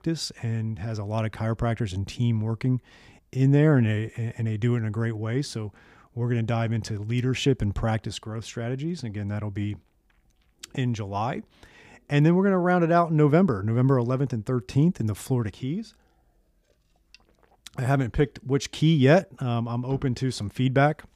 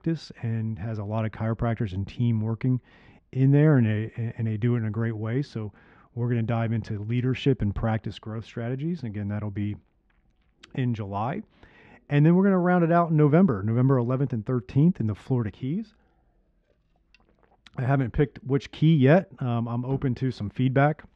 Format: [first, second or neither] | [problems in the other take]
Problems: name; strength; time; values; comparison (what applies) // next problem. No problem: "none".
first | muffled; slightly; fading above 2.5 kHz